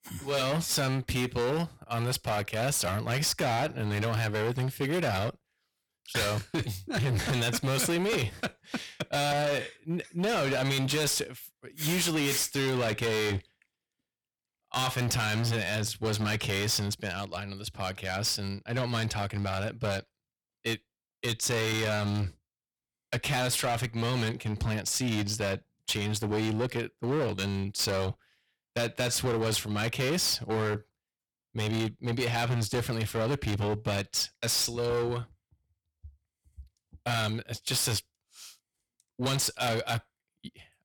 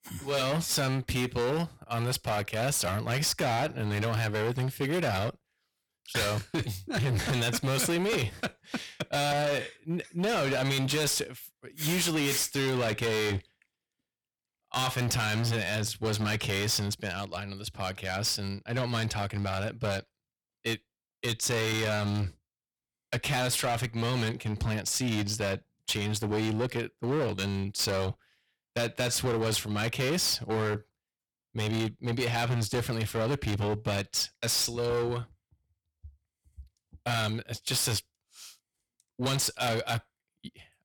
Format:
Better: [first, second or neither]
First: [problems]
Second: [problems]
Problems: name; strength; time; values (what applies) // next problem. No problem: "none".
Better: neither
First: distortion; heavy; 19% of the sound clipped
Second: distortion; heavy; 19% of the sound clipped